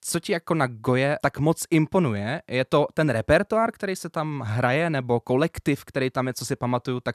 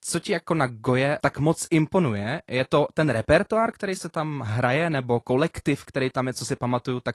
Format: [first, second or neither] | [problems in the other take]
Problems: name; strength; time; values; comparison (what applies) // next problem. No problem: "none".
first | garbled, watery; slightly; nothing above 11 kHz